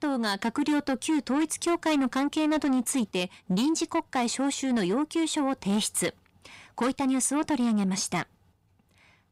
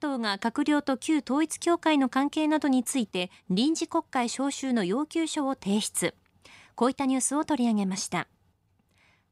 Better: second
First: distortion; slight; 10 dB below the speech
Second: none

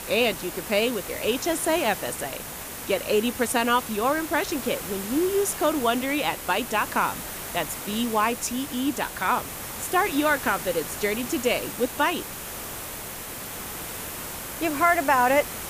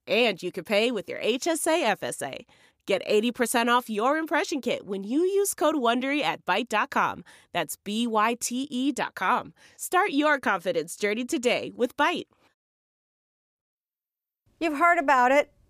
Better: second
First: hiss; loud; throughout; 8 dB below the speech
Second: none

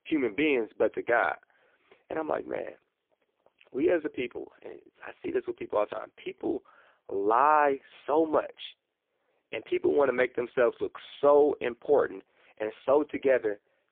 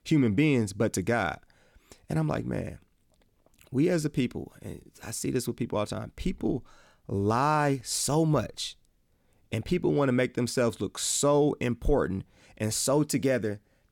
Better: second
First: phone-call audio; poor line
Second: none

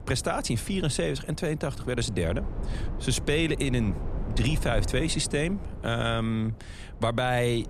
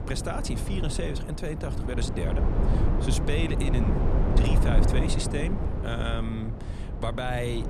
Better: first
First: wind noise on the microphone; occasional gusts; 15 dB below the speech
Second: wind noise on the microphone; heavy; 2 dB below the speech

